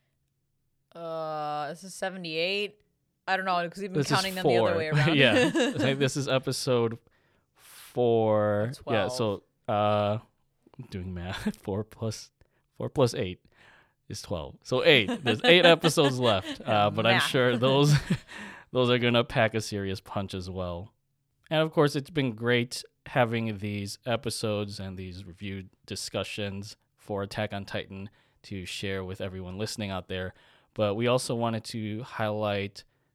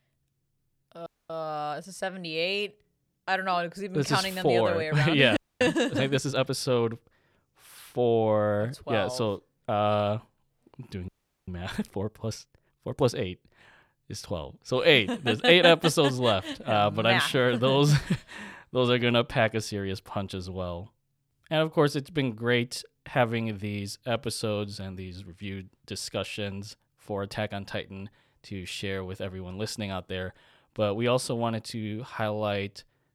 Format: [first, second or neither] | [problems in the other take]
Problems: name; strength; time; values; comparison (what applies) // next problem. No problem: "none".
first | audio freezing; at 1 s, at 5.5 s and at 11 s